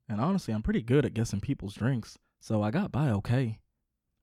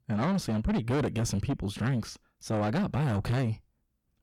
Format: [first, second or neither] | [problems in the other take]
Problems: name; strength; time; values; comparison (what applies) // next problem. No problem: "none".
first | distortion; heavy; 6 dB below the speech